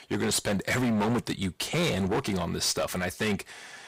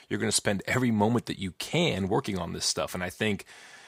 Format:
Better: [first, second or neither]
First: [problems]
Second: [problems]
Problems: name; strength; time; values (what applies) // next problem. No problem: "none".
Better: second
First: distortion; heavy; 19% of the sound clipped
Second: none